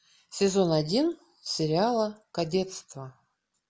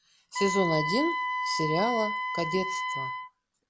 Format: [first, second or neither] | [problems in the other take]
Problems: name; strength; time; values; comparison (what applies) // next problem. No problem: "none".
first | background sound (Wind instrument, woodwind instrument); 1 dB below the speech